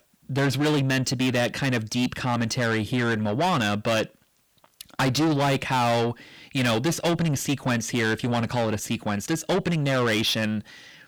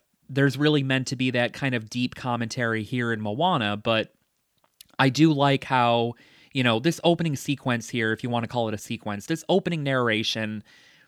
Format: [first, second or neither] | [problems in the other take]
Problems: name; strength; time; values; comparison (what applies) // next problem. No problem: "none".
second | distortion; heavy; 6 dB below the speech